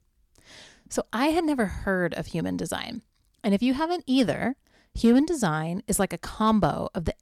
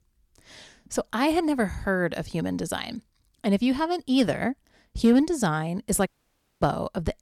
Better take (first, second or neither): first